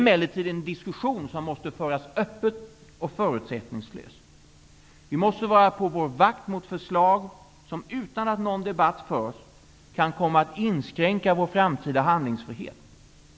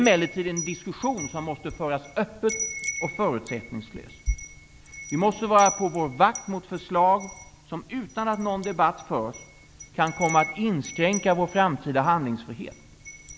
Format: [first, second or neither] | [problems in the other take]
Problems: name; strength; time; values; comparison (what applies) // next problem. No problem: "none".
first | background sound (Wind chime); 12 dB below the speech